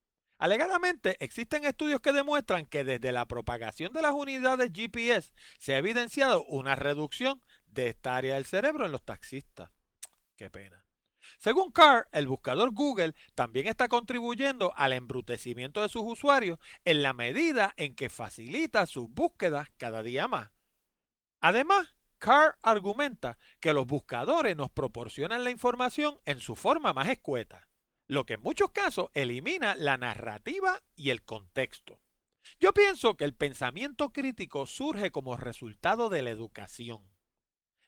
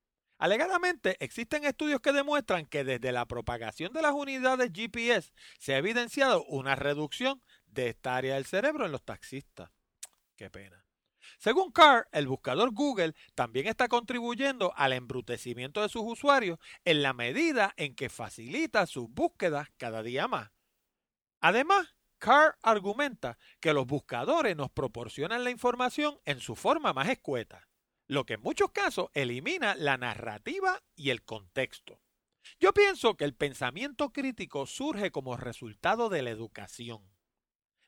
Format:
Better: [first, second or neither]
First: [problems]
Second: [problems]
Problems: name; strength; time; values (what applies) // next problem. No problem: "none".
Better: second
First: garbled, watery; slightly; nothing above 19 kHz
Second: none